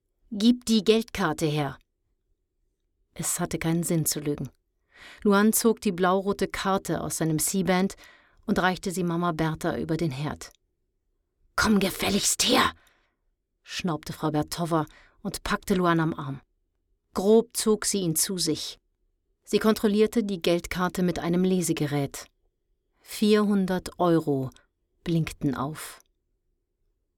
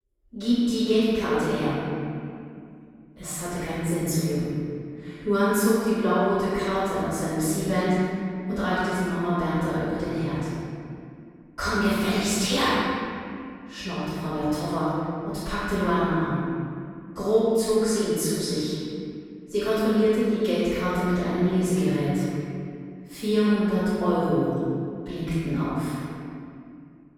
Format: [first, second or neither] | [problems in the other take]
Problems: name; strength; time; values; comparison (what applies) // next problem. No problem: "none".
first | off-mic speech; far // room echo; strong; dies away in 2.4 s